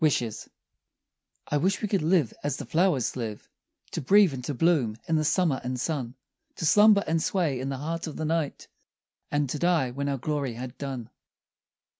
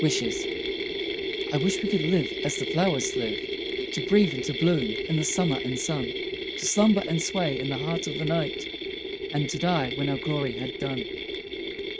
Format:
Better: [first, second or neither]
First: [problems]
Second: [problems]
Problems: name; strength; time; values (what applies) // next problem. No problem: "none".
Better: first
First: none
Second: noise reduction (neural mask model RNNoise)